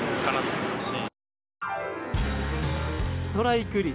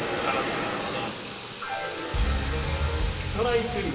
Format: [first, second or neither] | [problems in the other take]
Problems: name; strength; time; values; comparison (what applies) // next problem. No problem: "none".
first | background sound (Sink (filling or washing) / Water tap, faucet); 12 dB below the speech // room echo; dies away in 2.5 s